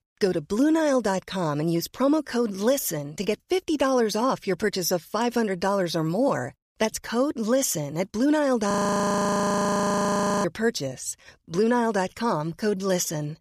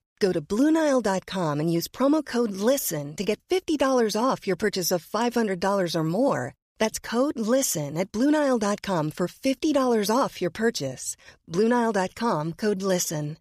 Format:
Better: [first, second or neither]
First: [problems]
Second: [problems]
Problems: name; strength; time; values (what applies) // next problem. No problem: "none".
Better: second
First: audio freezing; at 8.5 s for 1.5 s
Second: none